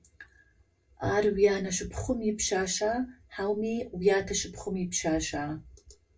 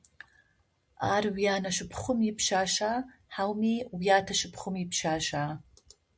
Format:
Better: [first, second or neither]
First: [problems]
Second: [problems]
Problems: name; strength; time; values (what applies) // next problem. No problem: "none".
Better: second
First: room echo; dies away in 0.2 s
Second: none